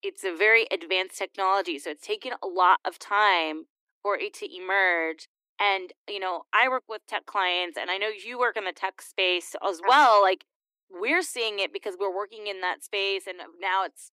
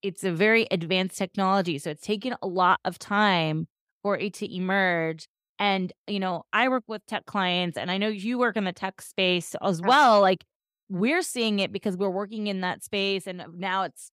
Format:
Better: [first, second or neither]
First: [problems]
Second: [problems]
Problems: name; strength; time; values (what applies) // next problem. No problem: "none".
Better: second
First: thin; very; fading below 300 Hz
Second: none